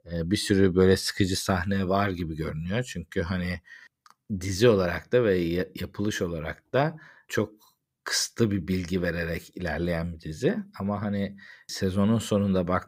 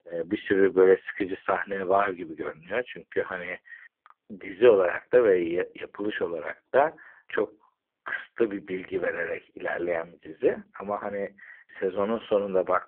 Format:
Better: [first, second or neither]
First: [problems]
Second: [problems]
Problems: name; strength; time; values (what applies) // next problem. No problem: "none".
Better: first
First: none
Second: phone-call audio; poor line